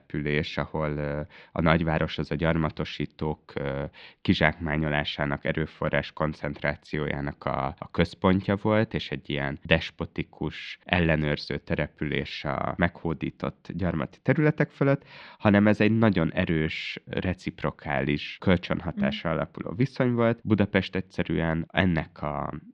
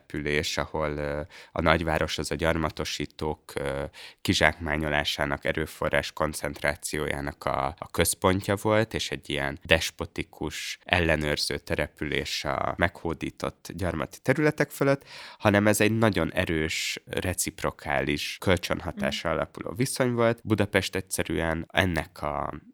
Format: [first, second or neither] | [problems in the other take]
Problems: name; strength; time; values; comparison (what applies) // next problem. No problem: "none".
second | muffled; slightly; fading above 3.5 kHz